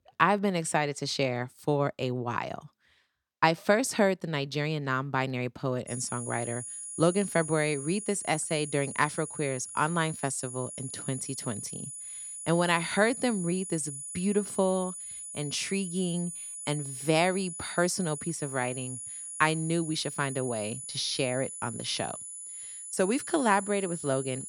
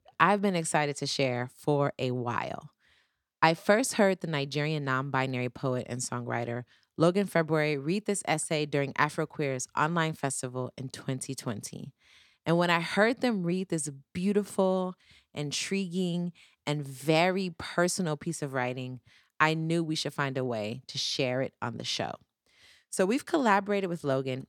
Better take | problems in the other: second | high-pitched whine; loud; from 6 s on; 10 kHz, 8 dB below the speech

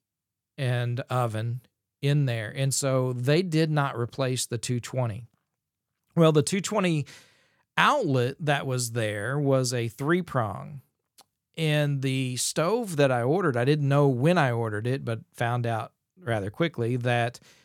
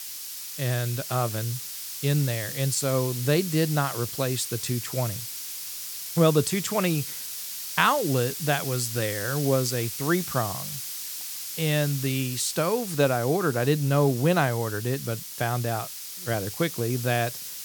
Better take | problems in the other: first | hiss; loud; throughout; 7 dB below the speech

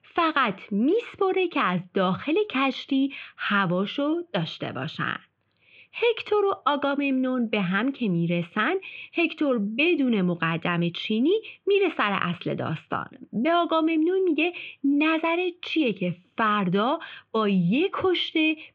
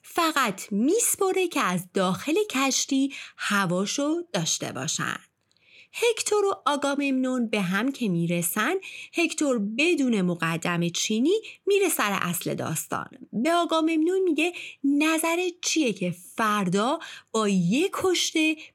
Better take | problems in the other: second | muffled; very; fading above 3 kHz

